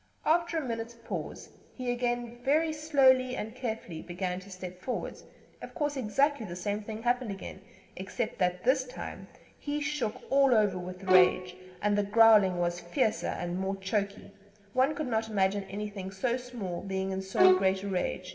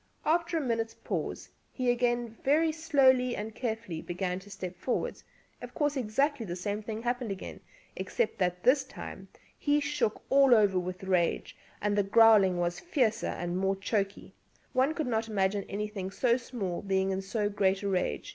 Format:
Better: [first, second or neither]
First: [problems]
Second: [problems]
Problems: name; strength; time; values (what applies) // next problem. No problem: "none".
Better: second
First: background sound (Bowed string instrument); 2 dB above the speech // room echo; dies away in 1.3 s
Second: none